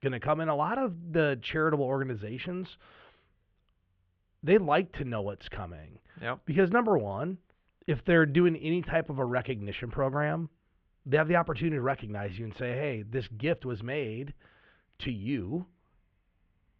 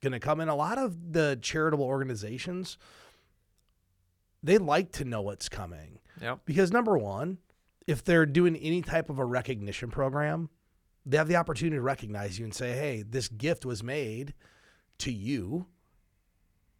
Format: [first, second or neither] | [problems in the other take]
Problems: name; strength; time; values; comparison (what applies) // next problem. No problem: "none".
second | muffled; very; fading above 3 kHz